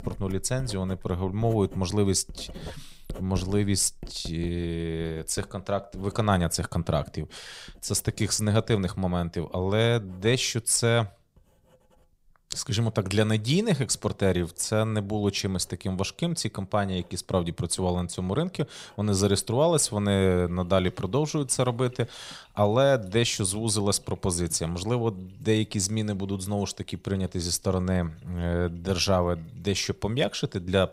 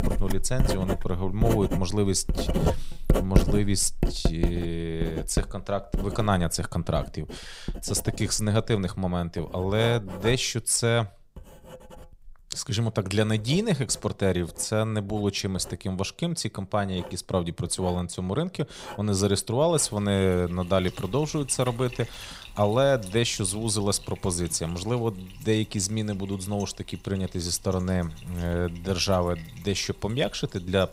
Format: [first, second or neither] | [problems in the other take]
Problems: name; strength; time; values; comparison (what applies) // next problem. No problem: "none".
first | household noises; loud; throughout; 6 dB below the speech; faint in the first